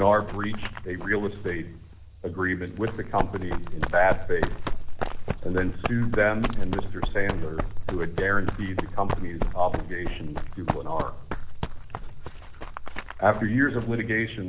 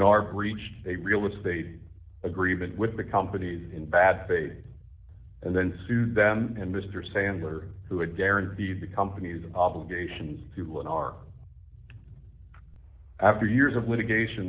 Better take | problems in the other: second | background sound (Run); as loud as the speech

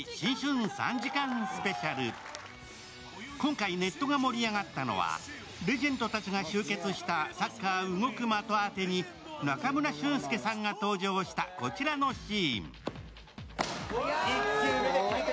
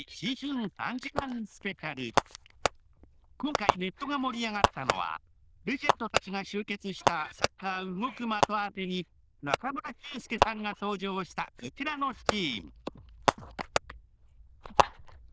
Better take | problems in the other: first | noise reduction (neural diffusion model UNIVERSE++)

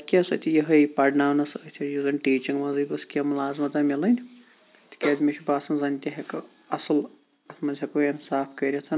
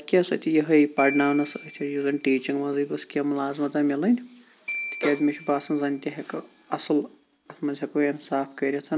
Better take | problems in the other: first | background sound (Glockenspiel); 15 dB below the speech

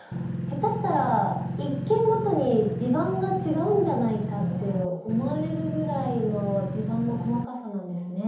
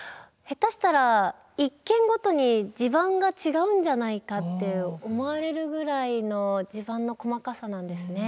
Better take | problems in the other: second | background sound (Engine); 3 dB below the speech // room echo; dies away in 0.8 s

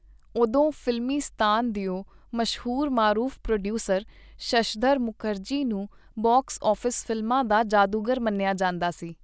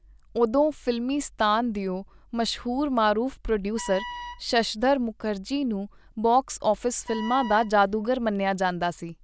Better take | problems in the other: first | background sound (Wind instrument, woodwind instrument); 14 dB below the speech

